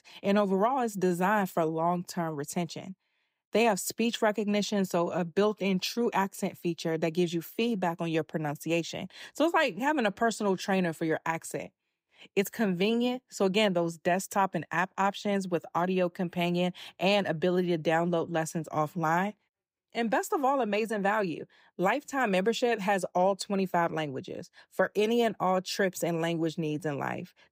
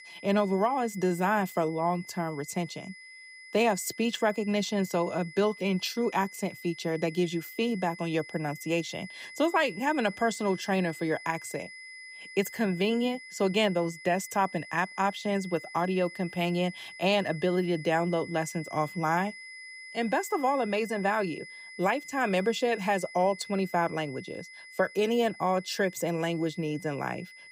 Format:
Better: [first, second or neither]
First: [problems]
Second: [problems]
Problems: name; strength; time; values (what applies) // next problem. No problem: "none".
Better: first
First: none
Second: high-pitched whine; noticeable; throughout; 2 kHz, 15 dB below the speech